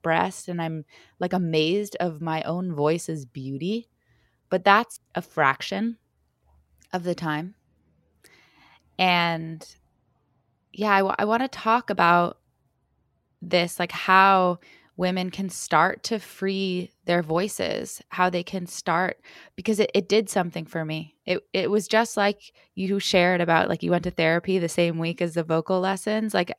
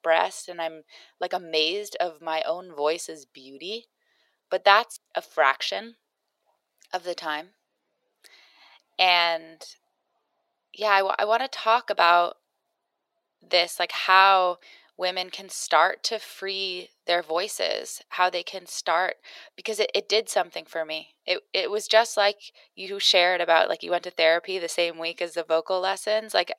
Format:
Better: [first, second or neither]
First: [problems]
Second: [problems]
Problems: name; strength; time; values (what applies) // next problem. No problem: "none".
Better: first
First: none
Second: thin; very; fading below 450 Hz